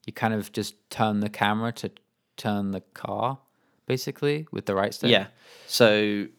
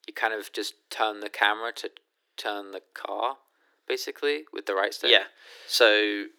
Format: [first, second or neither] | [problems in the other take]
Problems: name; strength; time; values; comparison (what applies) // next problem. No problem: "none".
first | thin; very; fading below 300 Hz